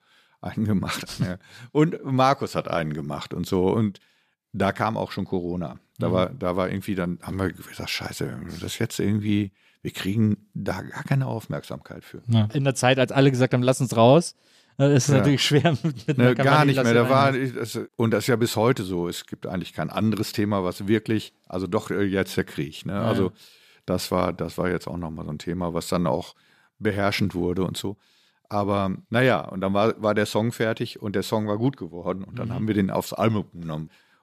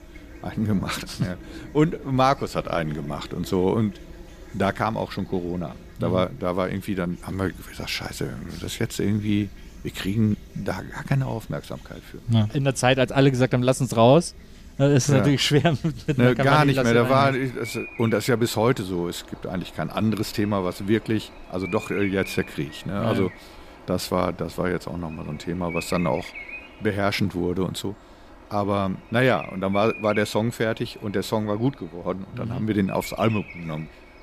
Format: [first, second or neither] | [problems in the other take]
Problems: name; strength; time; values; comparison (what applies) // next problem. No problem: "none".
first | animal sounds; noticeable; throughout; 20 dB below the speech